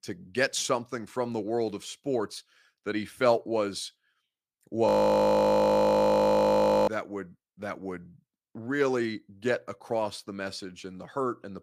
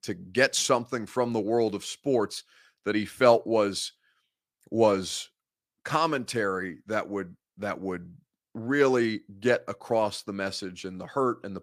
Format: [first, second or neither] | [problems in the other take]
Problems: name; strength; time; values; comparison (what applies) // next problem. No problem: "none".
second | audio freezing; at 5 s for 2 s